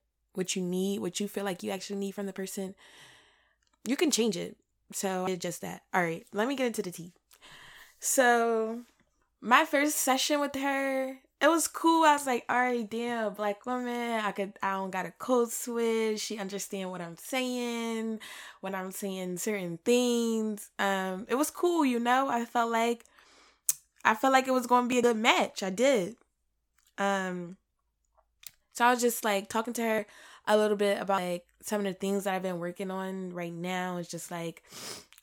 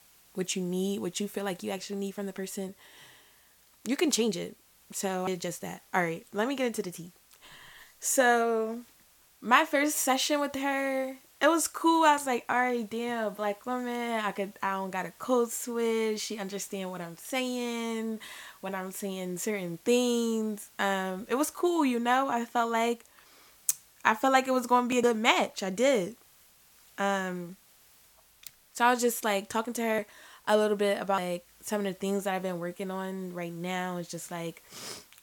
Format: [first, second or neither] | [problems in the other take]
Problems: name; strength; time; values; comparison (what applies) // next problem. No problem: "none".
first | hiss; faint; throughout; 30 dB below the speech